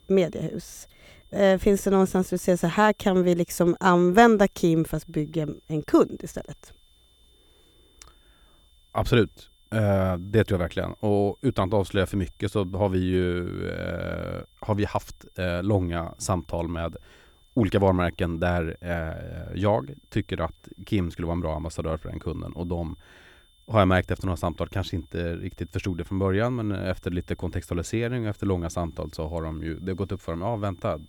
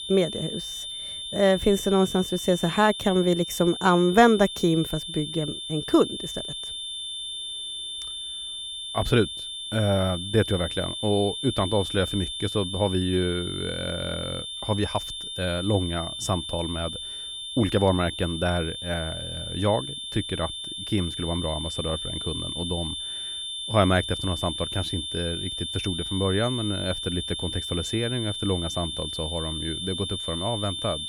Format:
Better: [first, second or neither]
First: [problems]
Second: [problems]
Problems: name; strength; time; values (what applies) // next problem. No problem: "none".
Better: first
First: high-pitched whine; faint; throughout; 3.5 kHz, 35 dB below the speech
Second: high-pitched whine; loud; throughout; 3.5 kHz, 5 dB below the speech